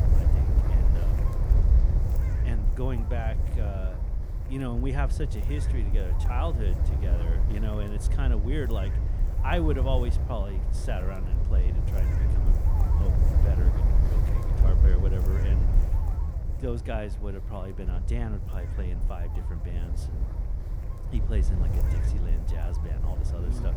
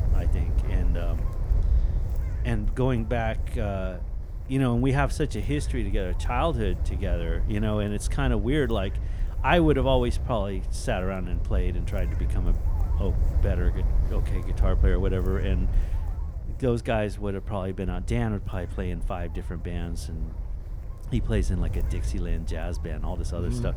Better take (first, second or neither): second